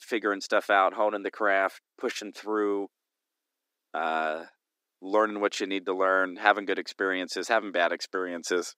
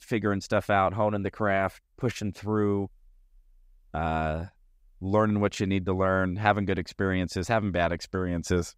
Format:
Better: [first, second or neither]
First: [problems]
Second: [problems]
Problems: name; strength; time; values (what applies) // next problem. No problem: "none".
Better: second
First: thin; somewhat; fading below 300 Hz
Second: none